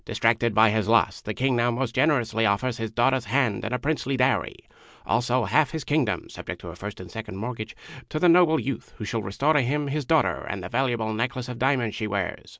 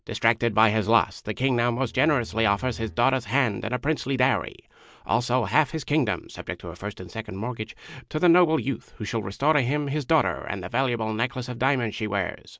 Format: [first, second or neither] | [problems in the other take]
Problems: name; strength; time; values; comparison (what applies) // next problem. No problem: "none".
first | noise reduction (neural mask model DeepFilterNet 3)